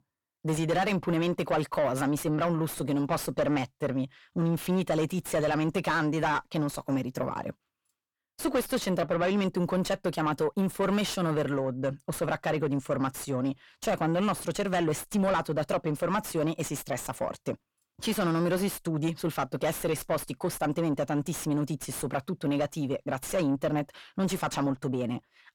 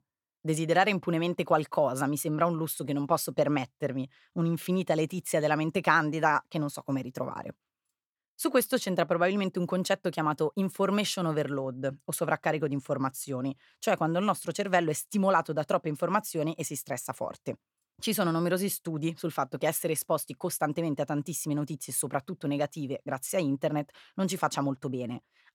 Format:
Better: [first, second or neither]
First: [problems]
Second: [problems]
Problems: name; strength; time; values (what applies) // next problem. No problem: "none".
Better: second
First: distortion; heavy; 7 dB below the speech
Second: none